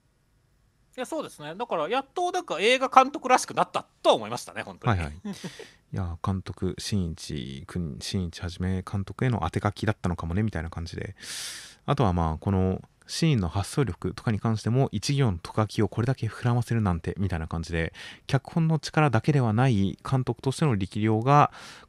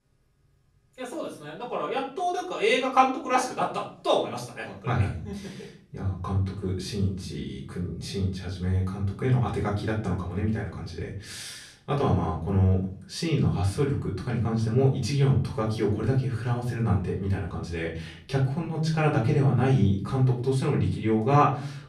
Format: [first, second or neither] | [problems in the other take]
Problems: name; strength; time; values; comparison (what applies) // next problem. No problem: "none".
first | room echo; slight; dies away in 0.5 s // off-mic speech; far